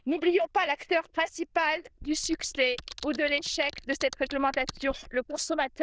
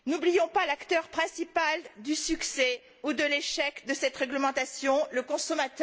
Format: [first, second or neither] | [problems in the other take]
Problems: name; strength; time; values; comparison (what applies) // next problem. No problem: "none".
second | noise reduction (neural diffusion model UNIVERSE++)